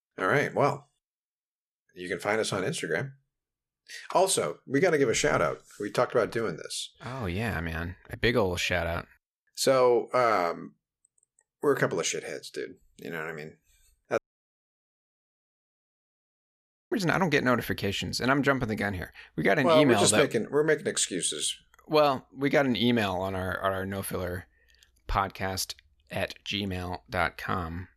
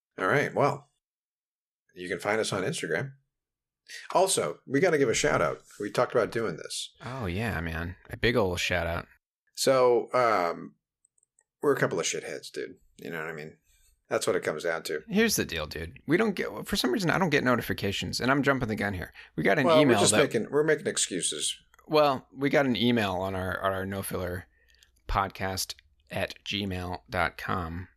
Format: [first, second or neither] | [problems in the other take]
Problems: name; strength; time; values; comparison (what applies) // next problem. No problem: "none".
second | audio cutting out; at 14 s for 2.5 s